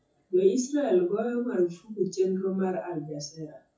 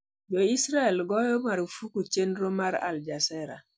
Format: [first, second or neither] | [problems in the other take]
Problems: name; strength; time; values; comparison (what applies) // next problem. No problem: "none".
second | noise reduction (classical method WPE with log-MMSE)